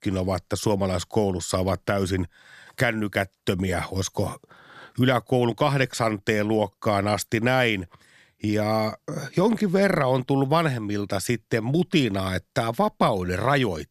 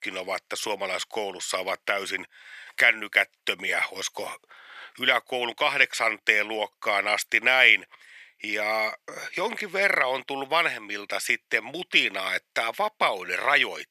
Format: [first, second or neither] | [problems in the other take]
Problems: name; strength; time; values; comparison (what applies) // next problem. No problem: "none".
first | thin; very; fading below 600 Hz